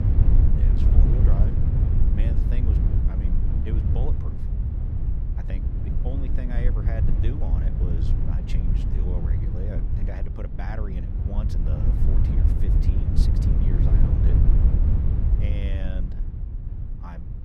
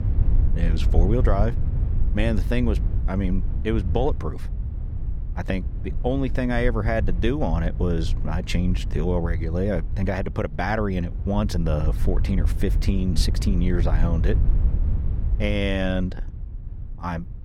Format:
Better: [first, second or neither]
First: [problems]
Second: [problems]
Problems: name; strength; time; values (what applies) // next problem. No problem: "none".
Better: second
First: wind noise on the microphone; heavy; 3 dB above the speech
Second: wind noise on the microphone; occasional gusts; 15 dB below the speech